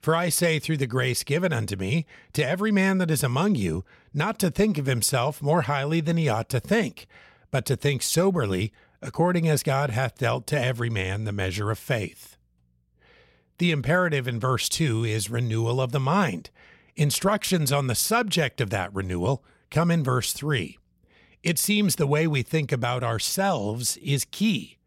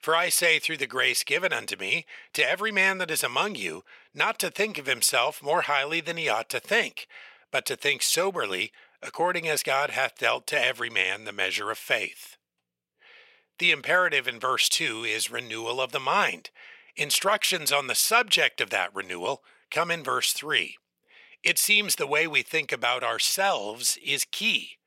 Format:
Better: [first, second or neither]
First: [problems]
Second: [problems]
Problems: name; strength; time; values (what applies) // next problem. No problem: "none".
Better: first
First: none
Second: thin; very; fading below 550 Hz